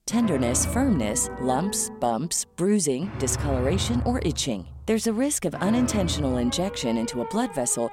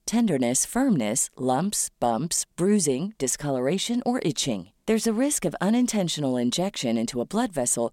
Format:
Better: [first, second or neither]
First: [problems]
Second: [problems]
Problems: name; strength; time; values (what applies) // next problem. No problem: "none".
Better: second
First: background music; loud; throughout; 8 dB below the speech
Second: none